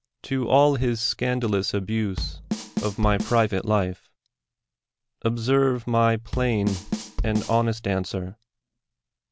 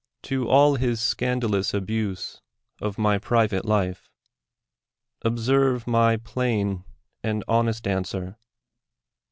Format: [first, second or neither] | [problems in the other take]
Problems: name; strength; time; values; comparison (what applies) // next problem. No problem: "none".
second | background sound (Bass drum / Snare drum / Drum kit); 6 dB below the speech